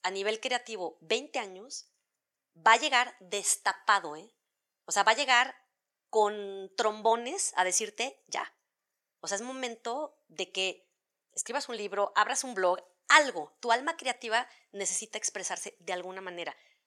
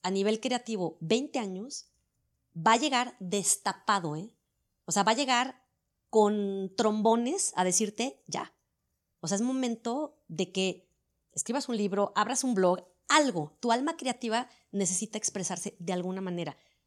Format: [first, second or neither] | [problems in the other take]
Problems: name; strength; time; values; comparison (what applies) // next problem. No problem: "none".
second | thin; very; fading below 550 Hz